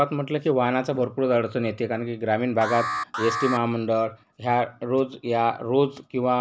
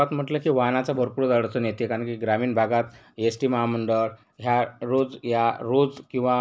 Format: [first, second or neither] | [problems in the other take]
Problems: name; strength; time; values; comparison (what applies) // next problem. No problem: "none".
second | background sound (Alarm); 6 dB below the speech